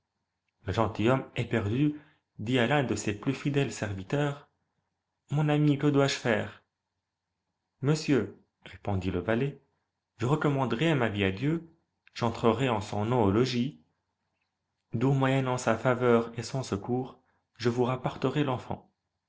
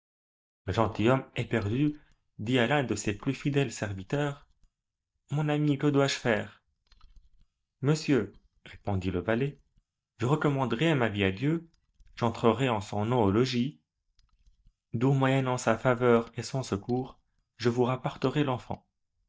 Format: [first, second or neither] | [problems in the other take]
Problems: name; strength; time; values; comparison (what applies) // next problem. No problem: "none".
first | noise reduction (neural mask model DeepFilterNet 3)